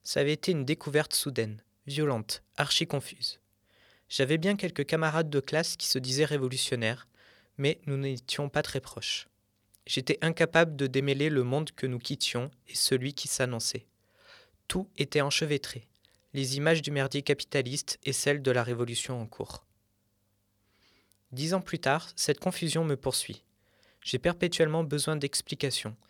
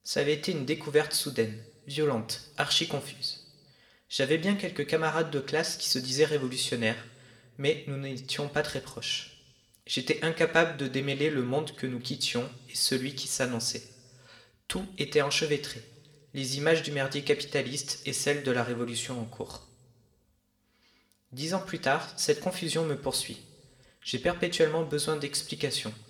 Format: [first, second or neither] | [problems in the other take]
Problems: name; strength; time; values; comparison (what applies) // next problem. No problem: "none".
first | room echo; very slight; dies away in 0.9 s